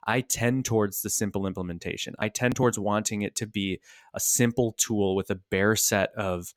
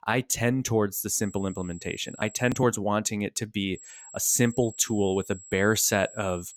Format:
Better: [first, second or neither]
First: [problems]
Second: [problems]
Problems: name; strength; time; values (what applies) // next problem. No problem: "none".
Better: first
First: none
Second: high-pitched whine; noticeable; from 1 to 2.5 s and from 4 s on; 7.5 kHz, 20 dB below the speech